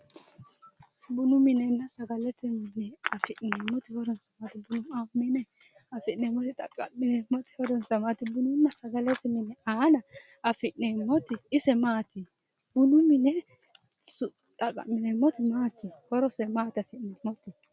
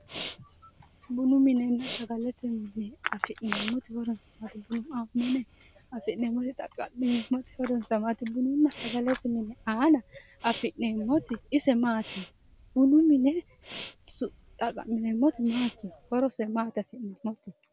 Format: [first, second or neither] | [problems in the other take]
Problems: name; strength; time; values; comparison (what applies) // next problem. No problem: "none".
first | background sound (Respiratory sounds); 19 dB below the speech